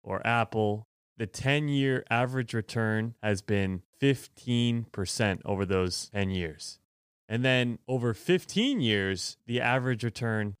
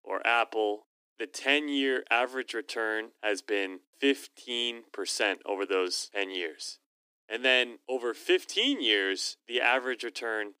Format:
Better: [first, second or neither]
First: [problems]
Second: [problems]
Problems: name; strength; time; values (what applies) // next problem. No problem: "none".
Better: first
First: none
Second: thin; somewhat; fading below 300 Hz